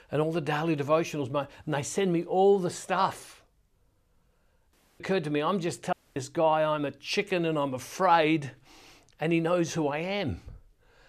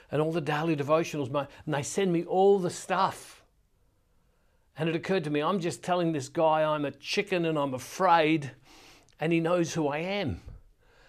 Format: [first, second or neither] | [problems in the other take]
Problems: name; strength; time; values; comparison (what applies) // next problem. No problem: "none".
second | audio cutting out; at 4.5 s and at 6 s